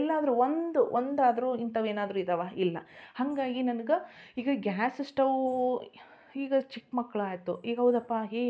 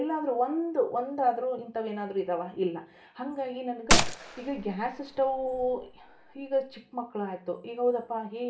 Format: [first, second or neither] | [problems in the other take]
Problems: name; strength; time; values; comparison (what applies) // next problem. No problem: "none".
first | background sound (Gunshot, gunfire); 1 dB above the speech // room echo; dies away in 0.3 s